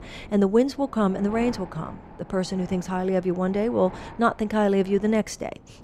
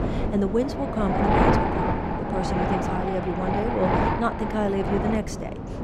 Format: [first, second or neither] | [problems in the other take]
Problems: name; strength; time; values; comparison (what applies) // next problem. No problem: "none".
first | wind noise on the microphone; heavy; 4 dB above the speech; occasional gusts in the first